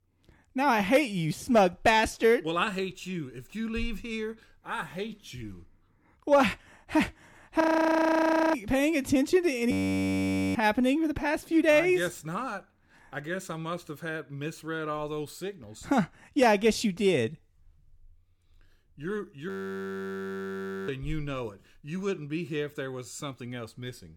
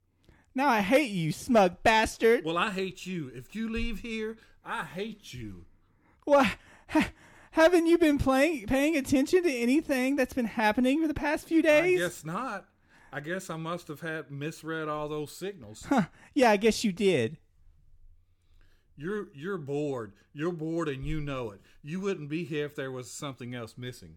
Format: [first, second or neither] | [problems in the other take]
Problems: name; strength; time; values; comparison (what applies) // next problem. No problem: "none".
second | audio freezing; at 7.5 s for 1 s, at 9.5 s for 1 s and at 19 s for 1.5 s